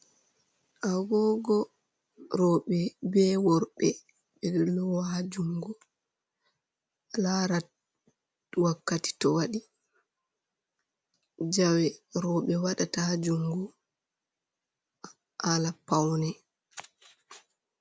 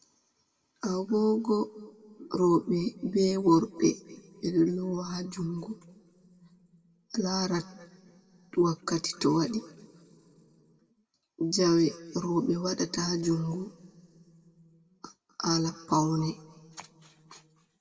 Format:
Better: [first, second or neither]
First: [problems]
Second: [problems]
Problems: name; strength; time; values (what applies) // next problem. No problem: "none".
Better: first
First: none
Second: room echo; dies away in 2.1 s